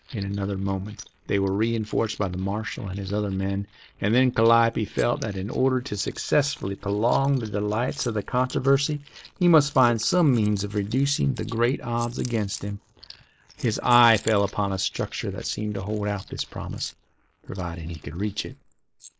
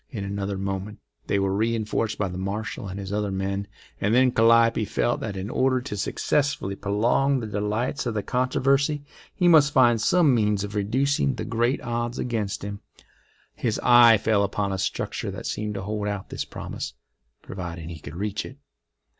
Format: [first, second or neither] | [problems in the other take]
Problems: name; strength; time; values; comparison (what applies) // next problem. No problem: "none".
second | noise reduction (neural mask model Resemble Enhance denoiser)